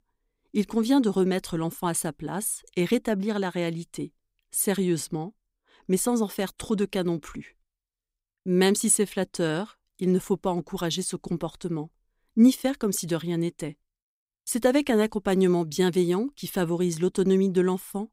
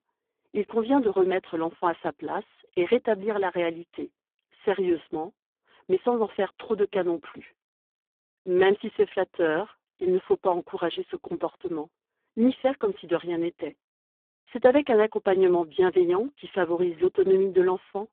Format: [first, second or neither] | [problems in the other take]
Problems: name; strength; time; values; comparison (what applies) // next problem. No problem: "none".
first | phone-call audio; poor line